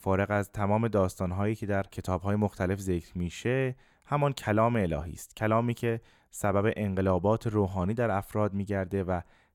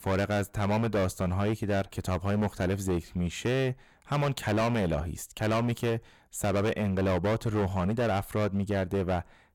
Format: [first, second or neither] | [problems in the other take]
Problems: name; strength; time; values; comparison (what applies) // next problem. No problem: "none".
first | distortion; heavy; 17% of the sound clipped